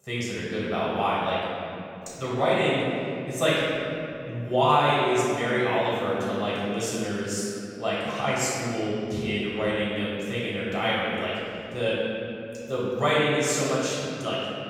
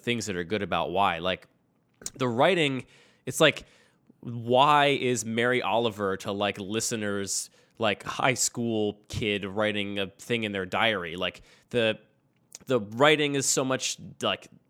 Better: second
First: off-mic speech; far // room echo; strong; dies away in 2.7 s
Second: none

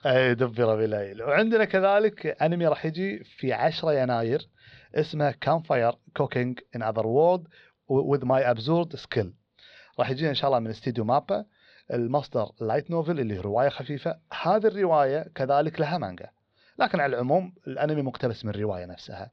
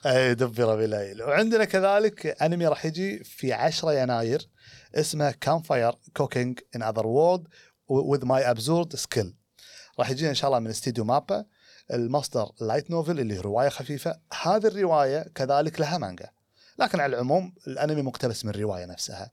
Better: second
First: muffled; slightly; fading above 4 kHz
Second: none

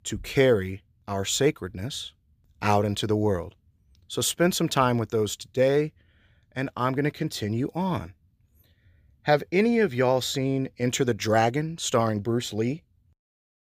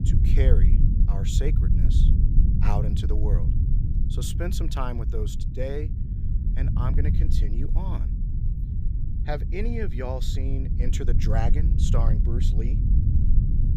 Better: first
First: none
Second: low rumble; loud; throughout; 4 dB below the speech

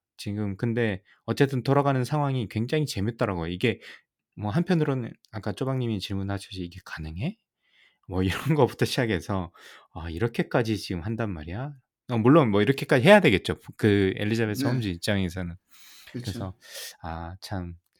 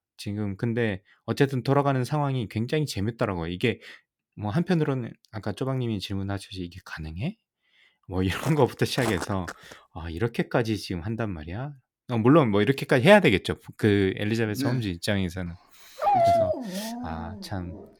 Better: first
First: none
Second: footsteps; noticeable; from 8.5 to 9.5 s; peak 7 dB below the speech // dog barking; loud; from 16 to 17 s; peak 5 dB above the speech

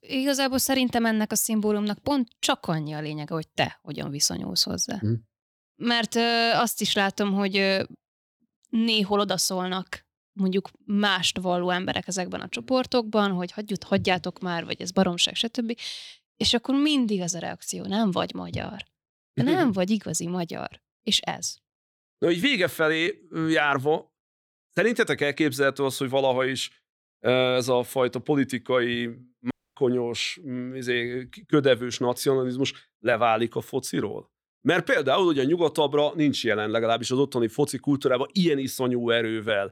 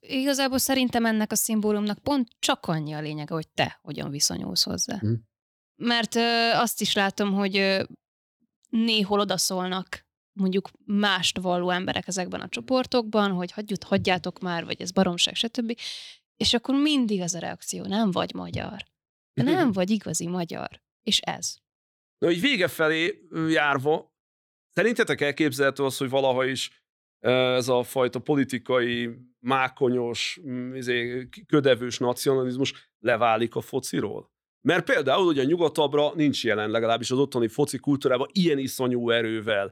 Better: second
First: audio cutting out; at 30 s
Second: none

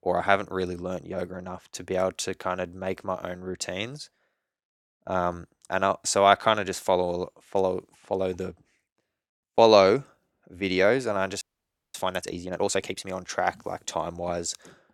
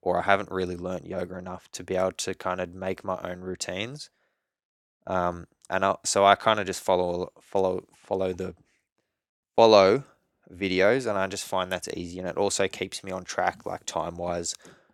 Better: second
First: audio freezing; at 11 s for 0.5 s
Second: none

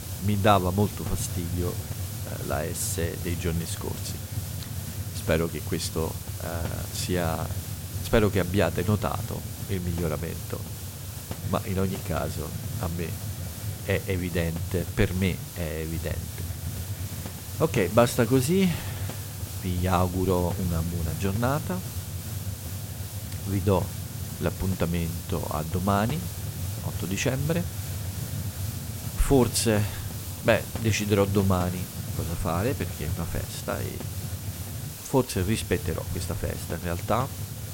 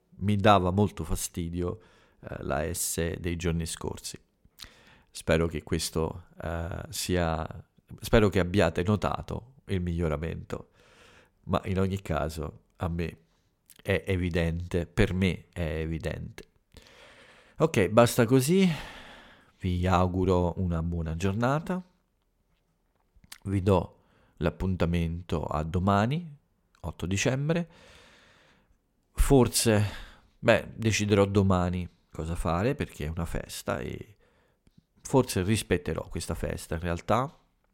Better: second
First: hiss; loud; throughout; 6 dB below the speech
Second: none

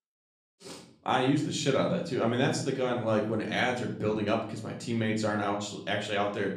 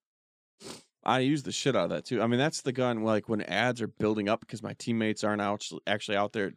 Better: second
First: room echo; slight; dies away in 0.6 s // off-mic speech; somewhat distant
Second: none

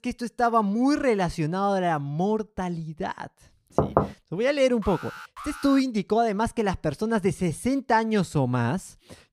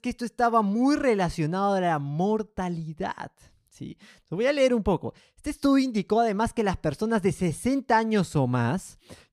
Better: second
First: door banging; loud; at 4 s; peak 1 dB above the speech // alarm; faint; at 5 s; peak 15 dB below the speech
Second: none

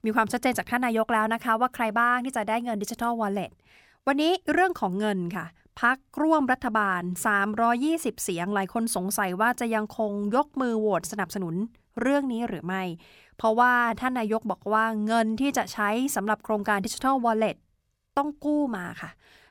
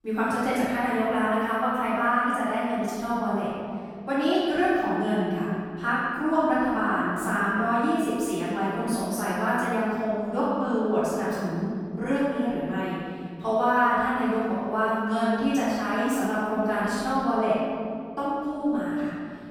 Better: first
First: none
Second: off-mic speech; far // room echo; strong; dies away in 2.2 s

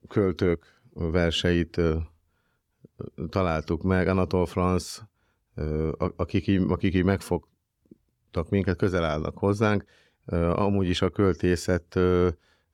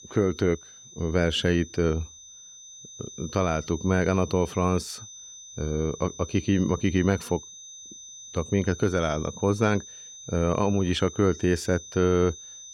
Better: first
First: none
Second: high-pitched whine; noticeable; throughout; 6 kHz, 15 dB below the speech

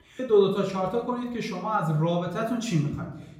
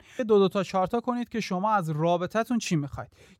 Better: second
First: off-mic speech; far // room echo; slight; dies away in 0.7 s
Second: none

